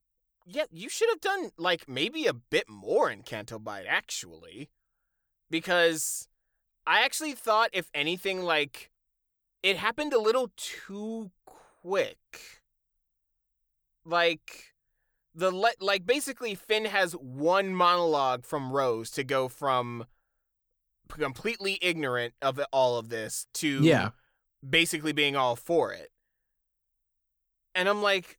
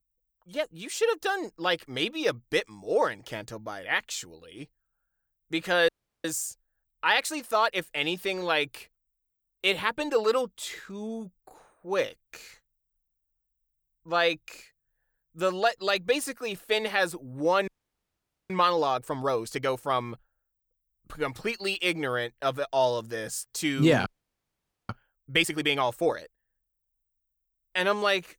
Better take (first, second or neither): first